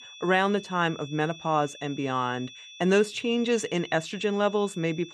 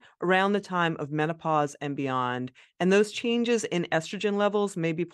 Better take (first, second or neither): second